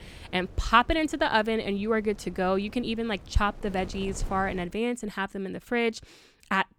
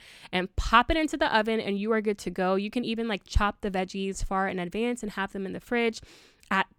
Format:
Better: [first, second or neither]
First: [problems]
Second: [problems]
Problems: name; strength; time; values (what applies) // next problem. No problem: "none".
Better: second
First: wind noise on the microphone; occasional gusts; until 4.5 s; 25 dB below the speech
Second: none